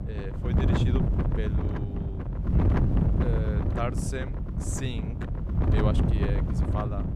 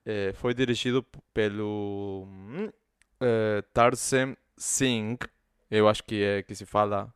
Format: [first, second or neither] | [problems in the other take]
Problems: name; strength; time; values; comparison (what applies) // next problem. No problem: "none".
second | wind noise on the microphone; heavy; 1 dB above the speech